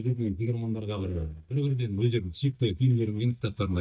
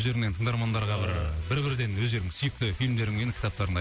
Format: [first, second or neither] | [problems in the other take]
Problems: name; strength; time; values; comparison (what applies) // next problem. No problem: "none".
second | noise reduction (neural mask model DeepFilterNet 3)